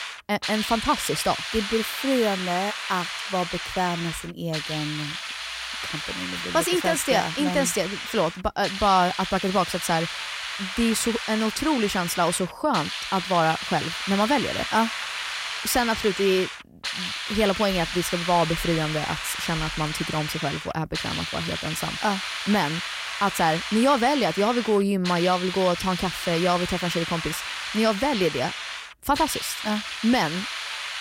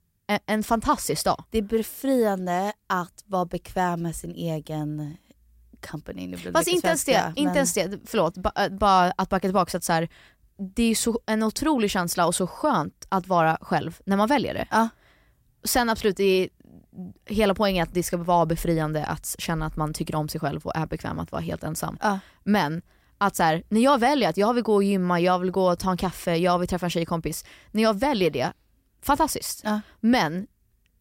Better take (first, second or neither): second